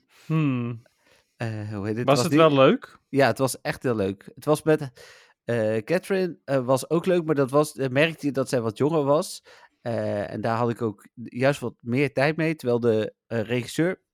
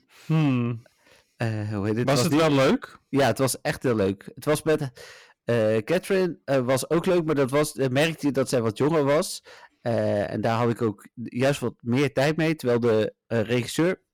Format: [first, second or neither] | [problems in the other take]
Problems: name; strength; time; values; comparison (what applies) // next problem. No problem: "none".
first | distortion; heavy; 11% of the sound clipped